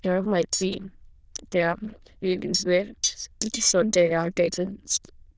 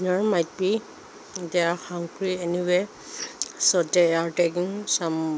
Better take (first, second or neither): second